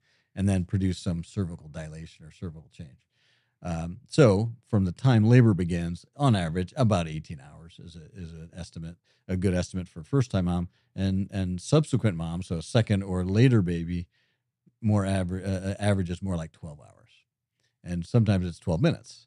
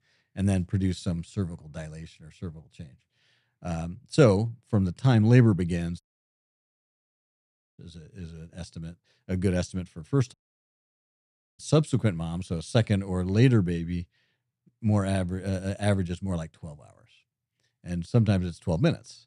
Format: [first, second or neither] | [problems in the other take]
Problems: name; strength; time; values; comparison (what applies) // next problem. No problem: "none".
first | audio cutting out; at 6 s for 2 s and at 10 s for 1.5 s